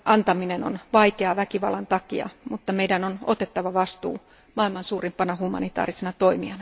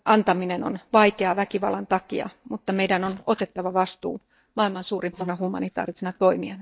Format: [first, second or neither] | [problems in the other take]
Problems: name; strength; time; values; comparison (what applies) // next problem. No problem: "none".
first | noise reduction (neural mask model DeepFilterNet 3)